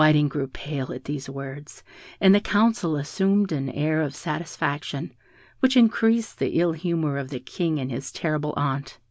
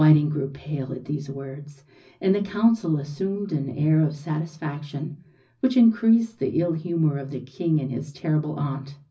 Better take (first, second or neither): first